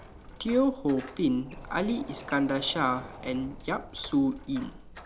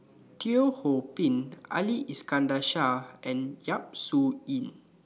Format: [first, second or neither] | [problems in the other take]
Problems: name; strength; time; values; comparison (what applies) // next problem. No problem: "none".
second | background sound (Door); 16 dB below the speech